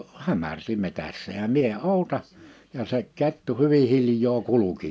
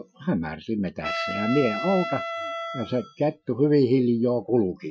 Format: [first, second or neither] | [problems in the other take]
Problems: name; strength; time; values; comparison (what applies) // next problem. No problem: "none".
first | noise reduction (classical method Wiener filter)